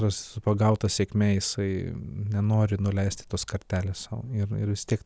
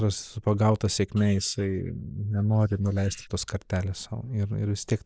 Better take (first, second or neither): first